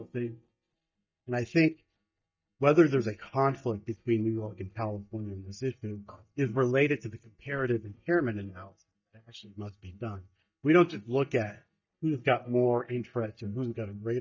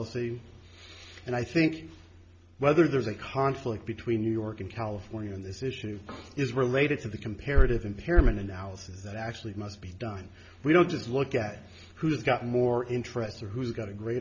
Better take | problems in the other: second | noise reduction (neural mask model DeepFilterNet 3)

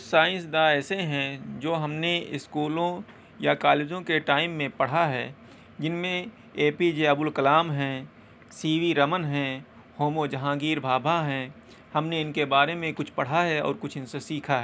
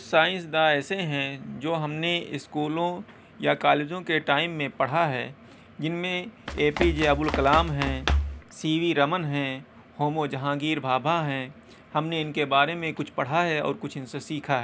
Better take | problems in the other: first | background sound (Run); 2 dB below the speech

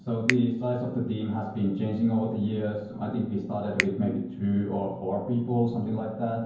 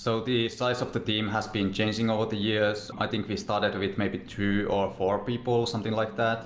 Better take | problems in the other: second | background sound (Finger snapping); 11 dB below the speech // room echo; dies away in 0.9 s

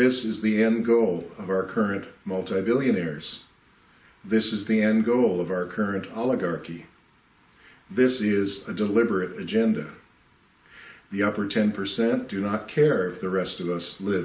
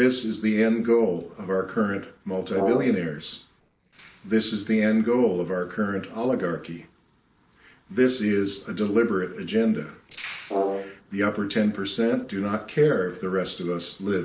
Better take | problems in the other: first | noise reduction (neural separator model SepFormer DNS4)

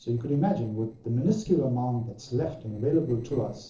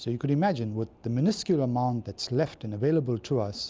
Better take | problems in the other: second | noise reduction (neural separator model SepFormer DNS4)

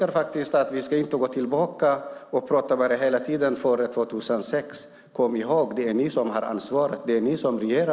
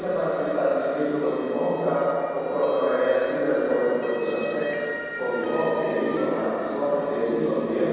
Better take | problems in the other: first | background sound (Motor vehicle (road) / Siren); 15 dB below the speech // room echo; dies away in 2.2 s

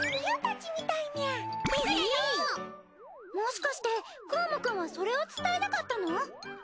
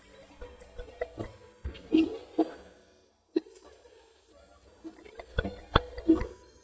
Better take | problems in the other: first | noise reduction (neural mask model DeepFilterNet 3)

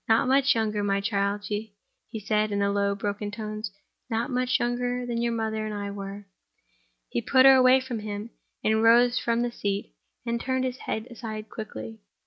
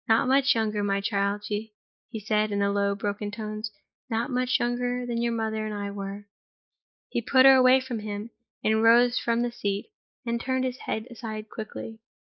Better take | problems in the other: first | noise reduction (neural mask model Resemble Enhance denoiser)

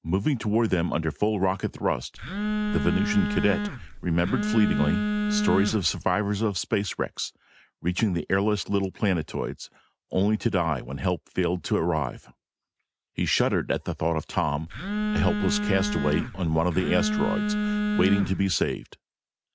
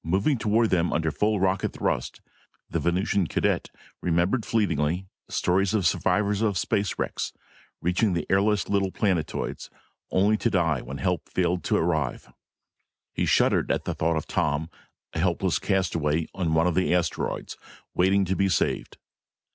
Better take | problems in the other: second | background sound (Telephone); 1 dB below the speech

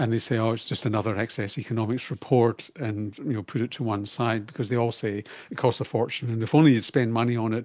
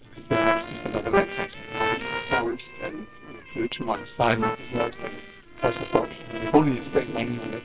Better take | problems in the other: first | noise reduction (neural separator model SepFormer WHAMR!)

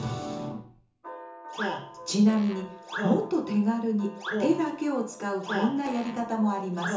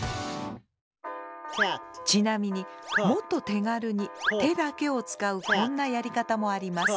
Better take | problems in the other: second | background sound (Fart); 16 dB below the speech // room echo; dies away in 0.7 s

